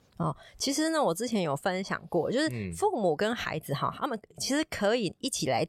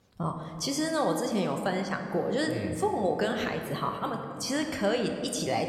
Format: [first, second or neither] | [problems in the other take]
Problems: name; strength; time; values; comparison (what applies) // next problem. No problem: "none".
first | room echo; slight; dies away in 1.8 s